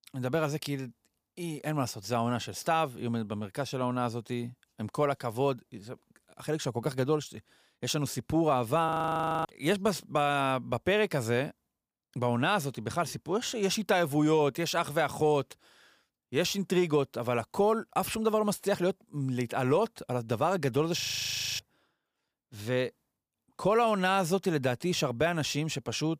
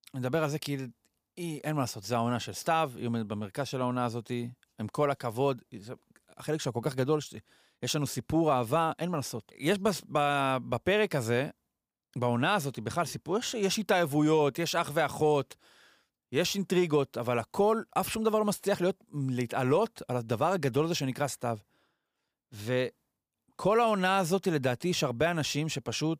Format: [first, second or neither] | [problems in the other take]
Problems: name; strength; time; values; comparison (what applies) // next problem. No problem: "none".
second | audio freezing; at 9 s for 0.5 s and at 21 s for 0.5 s